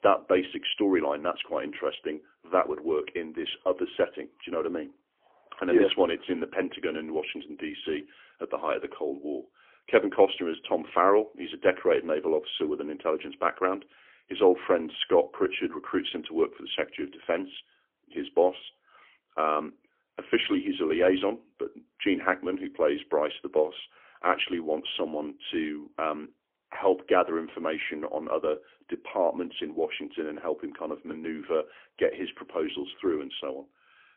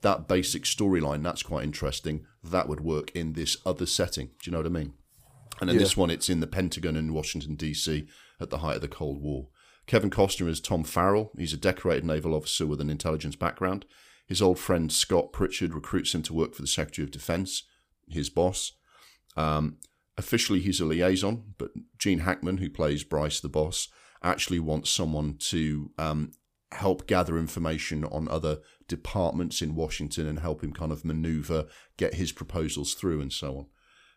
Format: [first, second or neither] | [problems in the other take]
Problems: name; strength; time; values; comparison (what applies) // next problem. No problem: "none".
second | phone-call audio; poor line; nothing above 3.5 kHz